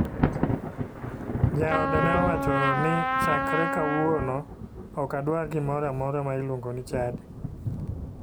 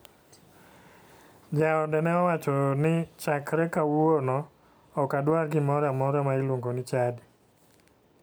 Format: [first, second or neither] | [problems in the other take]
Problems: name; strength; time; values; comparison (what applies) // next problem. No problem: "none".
second | background sound (Thunder + Trumpet); 1 dB above the speech